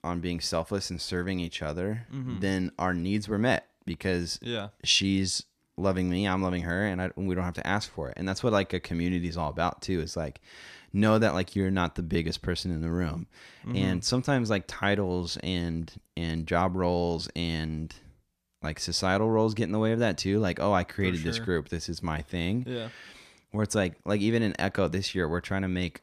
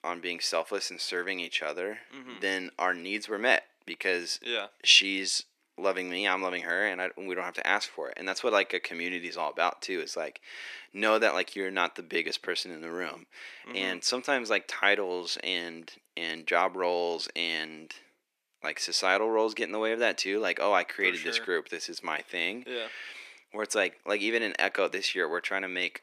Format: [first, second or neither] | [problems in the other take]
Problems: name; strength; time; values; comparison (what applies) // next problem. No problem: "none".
first | thin; very; fading below 350 Hz